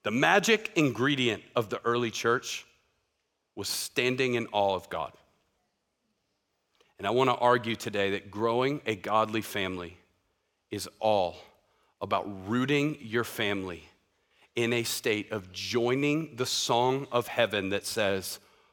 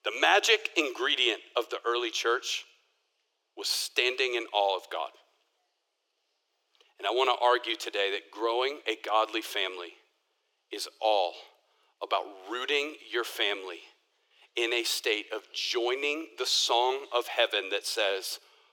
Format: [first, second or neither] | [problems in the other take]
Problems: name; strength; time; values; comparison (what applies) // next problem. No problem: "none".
first | thin; very; fading below 350 Hz